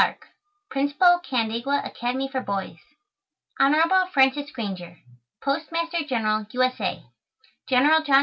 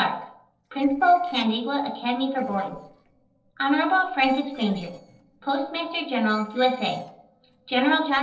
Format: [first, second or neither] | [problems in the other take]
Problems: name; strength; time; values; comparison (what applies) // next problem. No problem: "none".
first | noise reduction (neural separator model SepFormer DNS4)